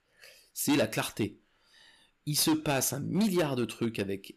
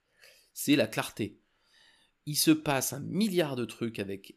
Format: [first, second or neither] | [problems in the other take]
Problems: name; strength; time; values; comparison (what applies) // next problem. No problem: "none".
second | distortion; heavy; 6% of the sound clipped